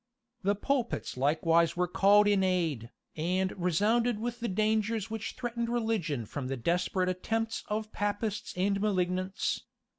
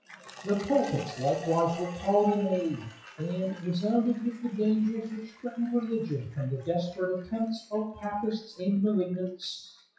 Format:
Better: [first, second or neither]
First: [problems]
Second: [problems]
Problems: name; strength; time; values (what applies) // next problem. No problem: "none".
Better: first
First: none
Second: noise reduction (classical method WPE with log-MMSE)